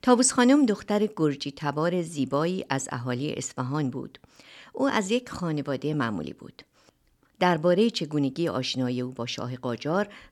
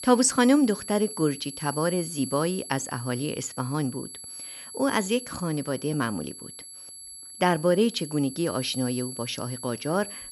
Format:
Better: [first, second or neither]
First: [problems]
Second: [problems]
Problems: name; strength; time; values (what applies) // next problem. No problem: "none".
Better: first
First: none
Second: high-pitched whine; noticeable; throughout; 11 kHz, 10 dB below the speech